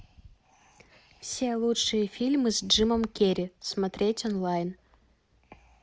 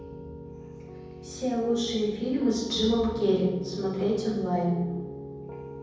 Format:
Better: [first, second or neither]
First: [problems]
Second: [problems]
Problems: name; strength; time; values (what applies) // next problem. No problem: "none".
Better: first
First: none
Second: background sound (Piano); 12 dB below the speech // room echo; dies away in 1.1 s